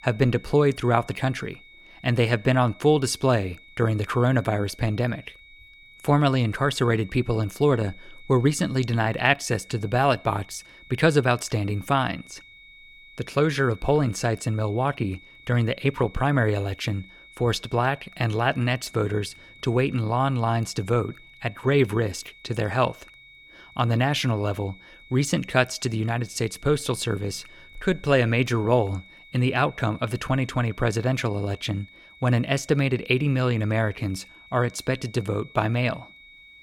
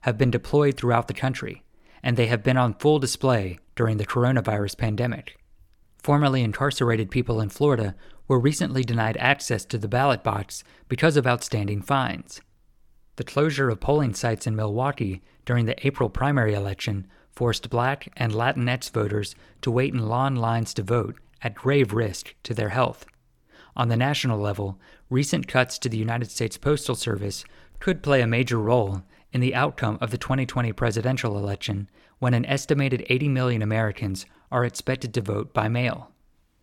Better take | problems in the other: second | high-pitched whine; faint; throughout; 2 kHz, 25 dB below the speech

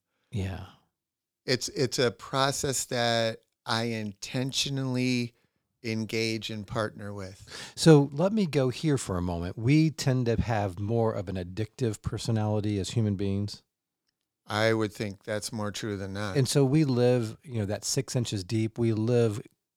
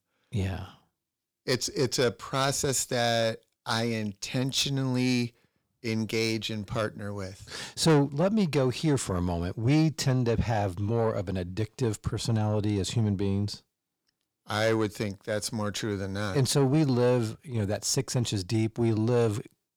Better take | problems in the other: first | distortion; slight; 10 dB below the speech

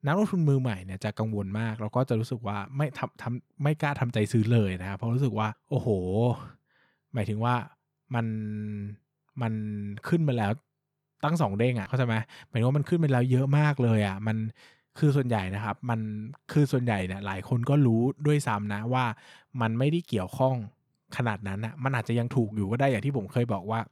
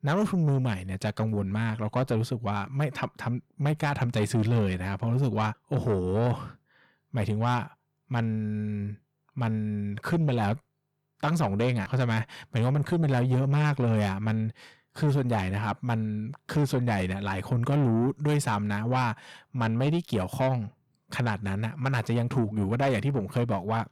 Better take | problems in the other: first | distortion; slight; 10 dB below the speech

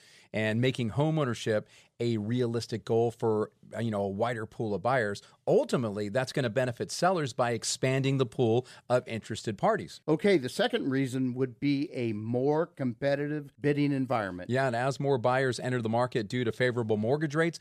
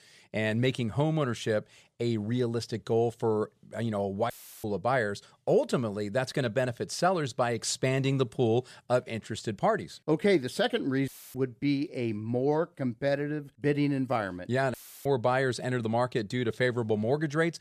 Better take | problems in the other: first | audio cutting out; filled with static; at 4.5 s, at 11 s and at 15 s

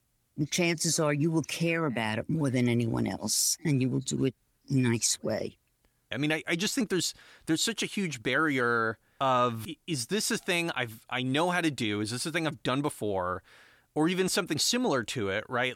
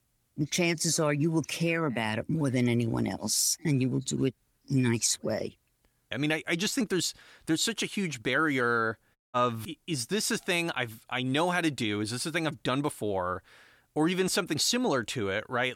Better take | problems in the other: first | audio cutting out; at 9 s

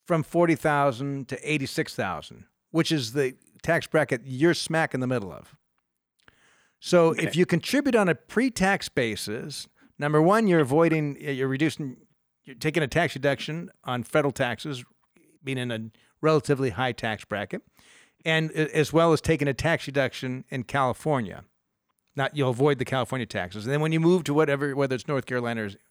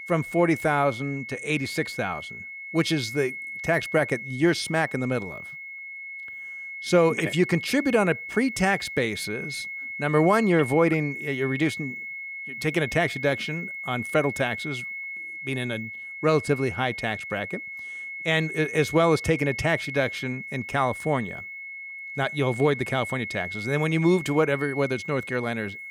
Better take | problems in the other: first | high-pitched whine; loud; throughout; 2 kHz, 8 dB below the speech

